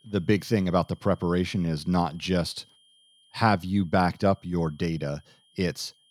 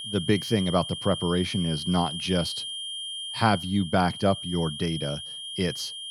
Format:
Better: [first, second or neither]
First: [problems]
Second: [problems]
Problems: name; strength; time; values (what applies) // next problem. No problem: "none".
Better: first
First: high-pitched whine; faint; throughout; 3 kHz, 35 dB below the speech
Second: high-pitched whine; loud; throughout; 3 kHz, 6 dB below the speech